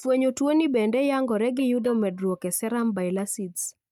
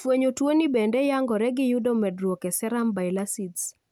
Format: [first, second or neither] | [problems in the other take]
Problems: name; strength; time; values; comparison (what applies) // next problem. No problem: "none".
second | noise reduction (neural mask model DeepFilterNet 3)